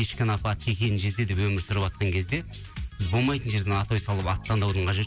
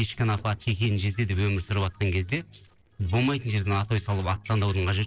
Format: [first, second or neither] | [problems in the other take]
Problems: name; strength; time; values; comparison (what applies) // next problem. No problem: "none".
first | noise reduction (neural separator model SepFormer DNS4)